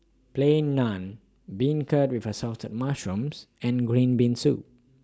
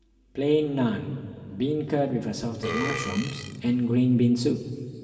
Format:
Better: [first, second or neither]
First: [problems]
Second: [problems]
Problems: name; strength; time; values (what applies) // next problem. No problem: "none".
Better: first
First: none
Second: background sound (Burping, eructation); 8 dB below the speech // room echo; dies away in 2.3 s